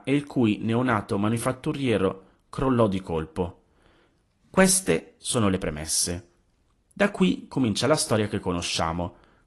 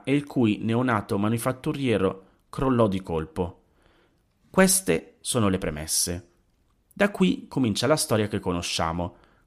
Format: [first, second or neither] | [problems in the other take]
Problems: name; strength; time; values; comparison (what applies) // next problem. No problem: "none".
second | garbled, watery; slightly; nothing above 11.5 kHz